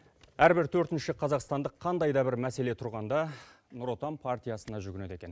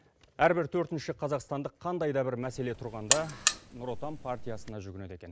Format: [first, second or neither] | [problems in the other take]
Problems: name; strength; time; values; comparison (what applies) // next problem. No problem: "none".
first | background sound (Alarm); 1 dB below the speech